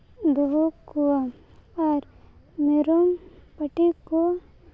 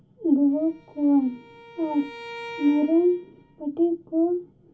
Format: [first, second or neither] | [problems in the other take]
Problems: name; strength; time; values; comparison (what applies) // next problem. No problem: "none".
first | background sound (Bowed string instrument); 18 dB below the speech // room echo; dies away in 0.3 s